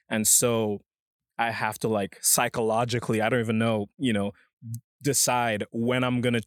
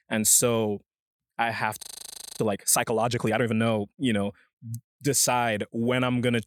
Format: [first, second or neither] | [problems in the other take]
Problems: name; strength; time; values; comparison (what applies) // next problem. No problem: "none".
first | audio freezing; at 2 s for 0.5 s